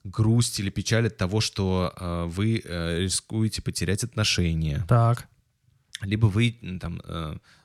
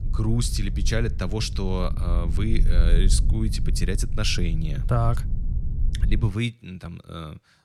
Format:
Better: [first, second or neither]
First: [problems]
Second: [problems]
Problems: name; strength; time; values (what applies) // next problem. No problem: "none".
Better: first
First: none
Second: low rumble; noticeable; until 6.5 s; 15 dB below the speech